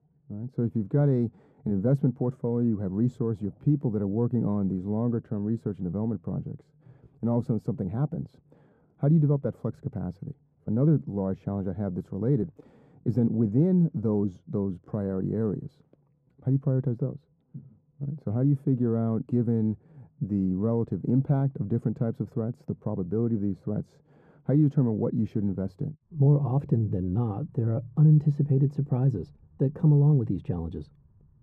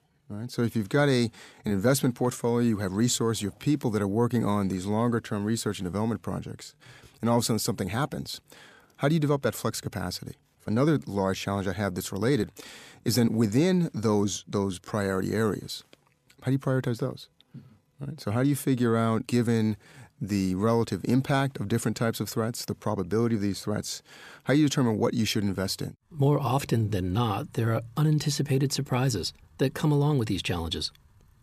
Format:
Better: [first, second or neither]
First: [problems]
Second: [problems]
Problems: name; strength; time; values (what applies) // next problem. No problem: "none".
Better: second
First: muffled; very; fading above 1.5 kHz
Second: none